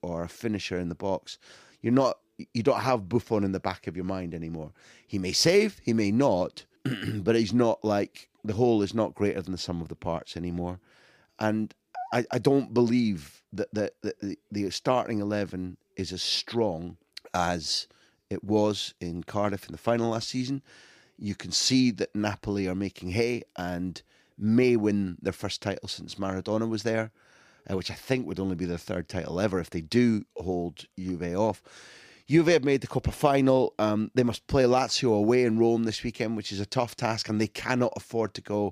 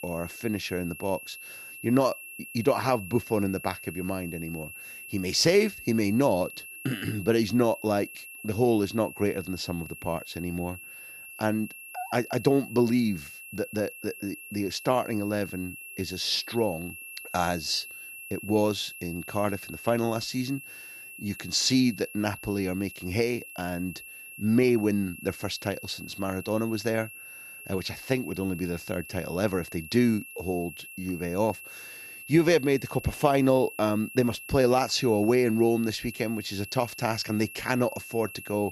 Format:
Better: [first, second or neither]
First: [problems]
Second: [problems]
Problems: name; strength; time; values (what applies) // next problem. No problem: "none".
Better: first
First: none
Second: high-pitched whine; noticeable; throughout; 2.5 kHz, 15 dB below the speech